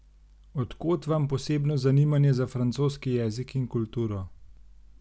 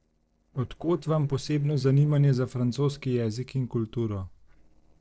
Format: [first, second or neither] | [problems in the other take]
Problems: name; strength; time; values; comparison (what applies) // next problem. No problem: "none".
first | noise reduction (neural separator model SepFormer DNS4)